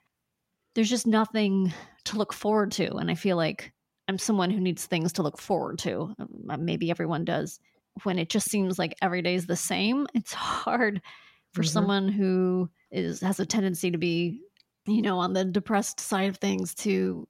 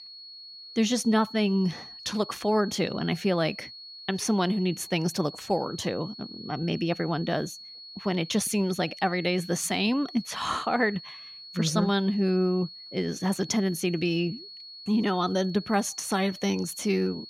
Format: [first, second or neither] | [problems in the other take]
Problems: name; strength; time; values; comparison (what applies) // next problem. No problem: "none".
first | high-pitched whine; noticeable; throughout; 4.5 kHz, 15 dB below the speech